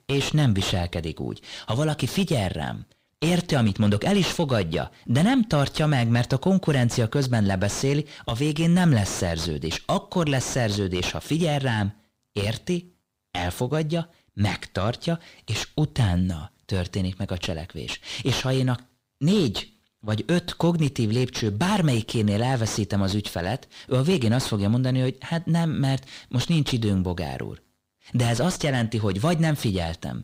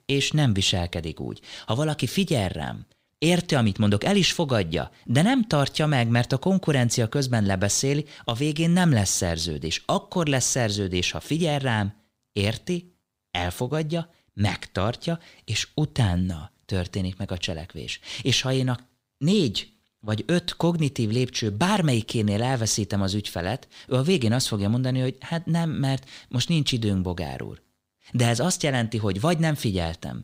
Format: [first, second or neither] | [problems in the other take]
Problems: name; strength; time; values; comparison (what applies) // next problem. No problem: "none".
second | distortion; slight; 9 dB below the speech